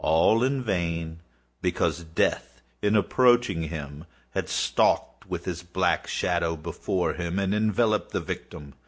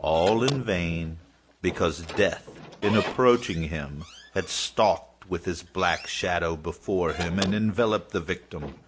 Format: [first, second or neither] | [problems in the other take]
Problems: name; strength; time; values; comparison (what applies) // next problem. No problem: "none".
first | background sound (Squeak / Slam); 13 dB below the speech